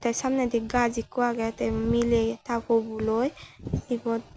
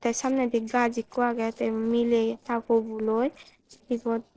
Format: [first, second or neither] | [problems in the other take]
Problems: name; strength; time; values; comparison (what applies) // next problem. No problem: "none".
first | noise reduction (neural separator model SepFormer DNS4)